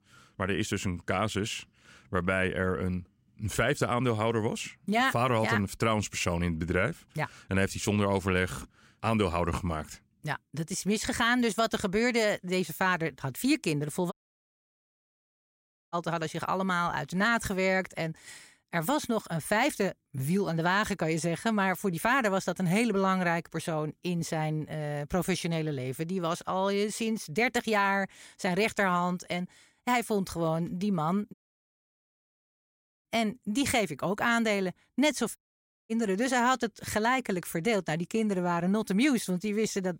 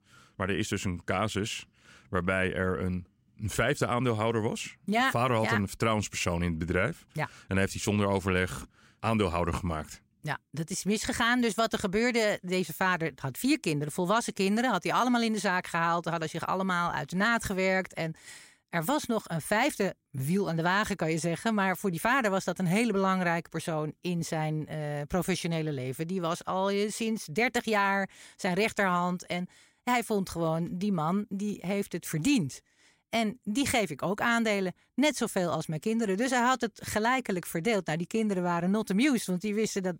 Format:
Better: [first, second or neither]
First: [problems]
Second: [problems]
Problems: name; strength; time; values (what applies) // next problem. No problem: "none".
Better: second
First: audio cutting out; at 14 s for 2 s, at 31 s for 1.5 s and at 35 s for 0.5 s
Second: none